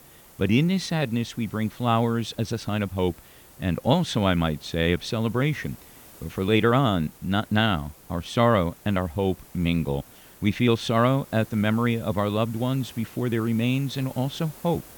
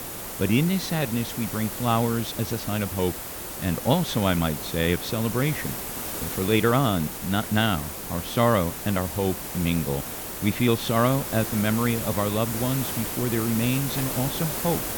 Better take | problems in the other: first | hiss; loud; throughout; 5 dB below the speech; faint in the first

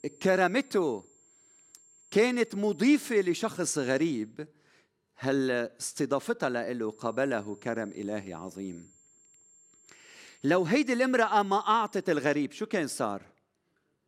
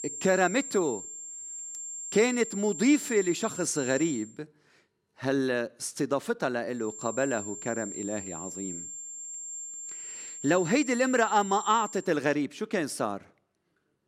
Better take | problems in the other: first | high-pitched whine; loud; until 4 s and from 7 to 12 s; 7.5 kHz, 9 dB below the speech; faint in the first

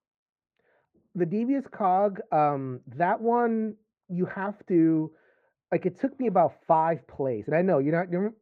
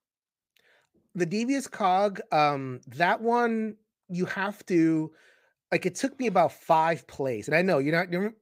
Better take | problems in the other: second | muffled; very; fading above 3.5 kHz

